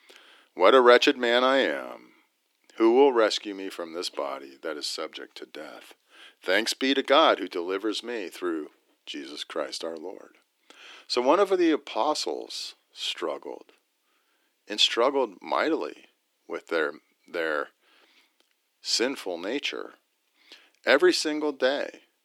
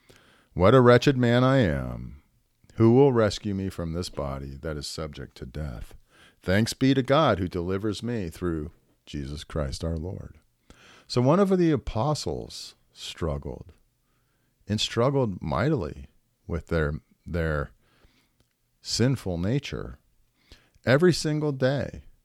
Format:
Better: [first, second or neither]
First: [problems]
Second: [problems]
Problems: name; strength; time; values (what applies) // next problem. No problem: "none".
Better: second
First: thin; somewhat; fading below 300 Hz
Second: none